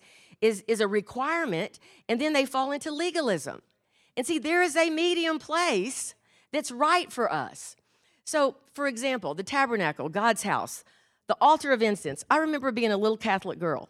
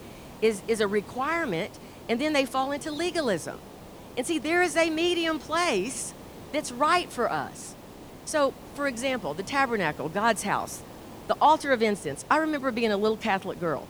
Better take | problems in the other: first | hiss; noticeable; throughout; 20 dB below the speech

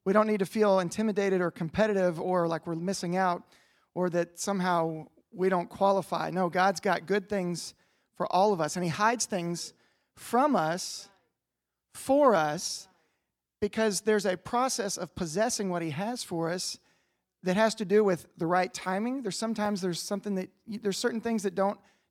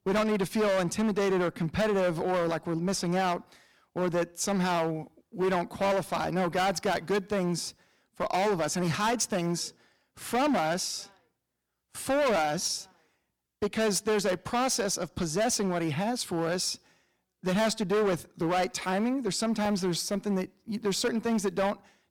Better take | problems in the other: first | distortion; heavy; 14% of the sound clipped

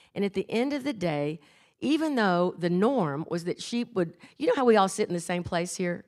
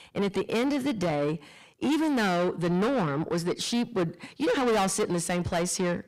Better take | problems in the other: first | distortion; heavy; 6 dB below the speech

